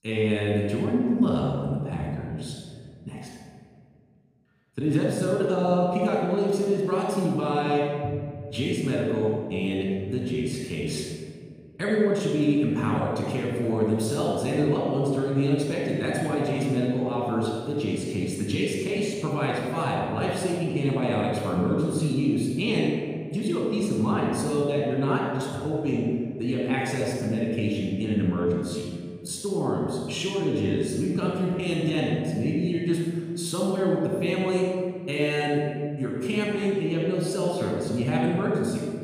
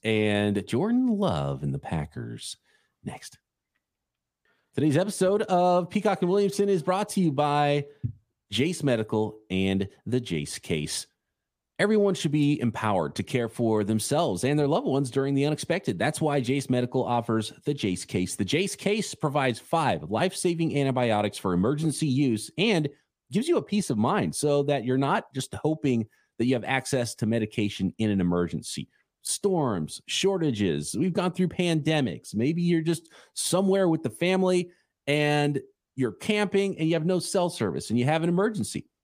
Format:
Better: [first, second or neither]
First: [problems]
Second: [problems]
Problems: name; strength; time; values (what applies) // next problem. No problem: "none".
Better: second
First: off-mic speech; somewhat distant // room echo; strong; dies away in 1.8 s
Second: none